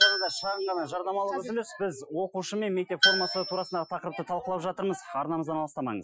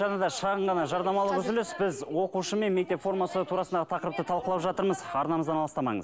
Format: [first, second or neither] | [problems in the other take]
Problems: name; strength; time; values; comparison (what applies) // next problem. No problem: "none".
second | noise reduction (classical method Wiener filter)